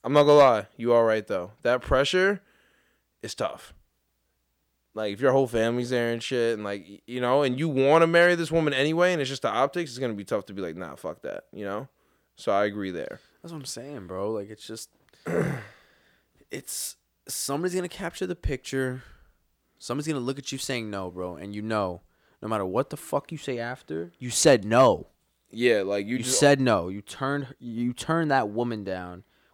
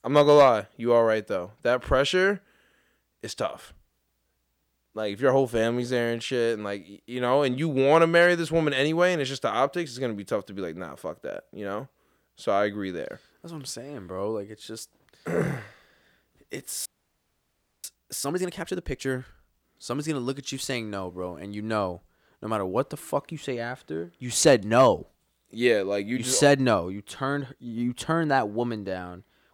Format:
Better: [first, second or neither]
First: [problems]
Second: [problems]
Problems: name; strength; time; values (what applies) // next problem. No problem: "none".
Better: first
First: none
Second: audio freezing; at 17 s for 1 s